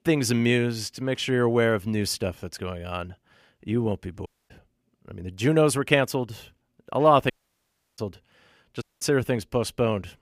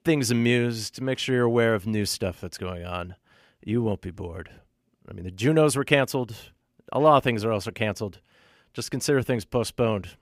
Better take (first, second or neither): second